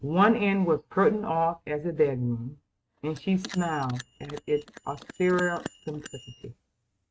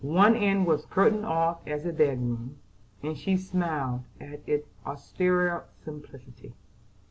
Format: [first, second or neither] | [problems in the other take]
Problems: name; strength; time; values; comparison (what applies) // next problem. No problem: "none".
second | noise reduction (neural mask model RNNoise)